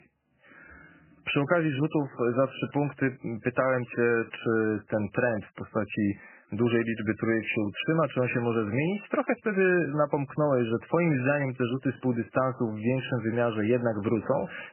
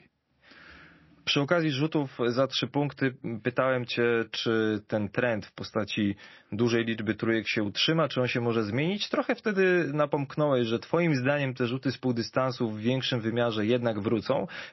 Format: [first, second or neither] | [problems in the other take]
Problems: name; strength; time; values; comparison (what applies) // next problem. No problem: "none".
second | garbled, watery; badly; nothing above 3 kHz; slightly in the second